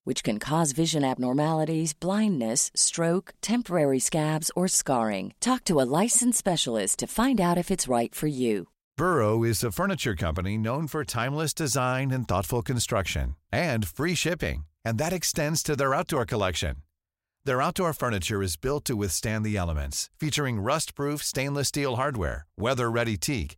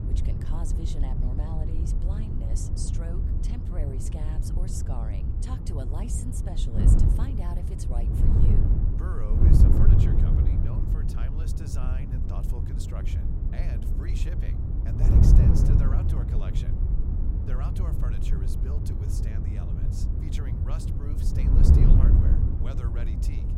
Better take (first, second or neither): first